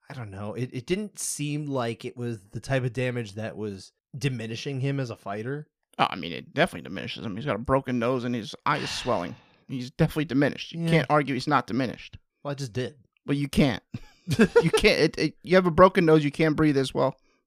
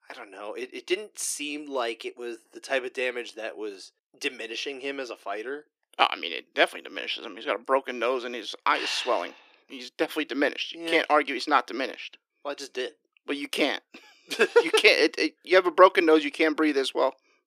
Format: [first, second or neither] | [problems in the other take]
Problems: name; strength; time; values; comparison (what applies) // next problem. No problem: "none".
first | thin; somewhat; fading below 300 Hz